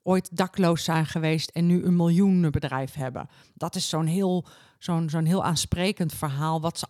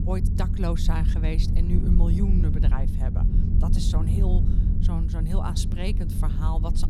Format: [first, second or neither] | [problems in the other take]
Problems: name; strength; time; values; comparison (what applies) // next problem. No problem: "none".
first | low rumble; loud; throughout; 3 dB below the speech